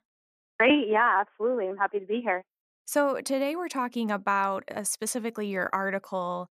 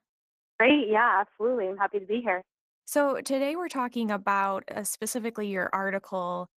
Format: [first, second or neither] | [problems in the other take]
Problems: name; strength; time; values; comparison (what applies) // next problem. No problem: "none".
first | garbled, watery; slightly; nothing above 14.5 kHz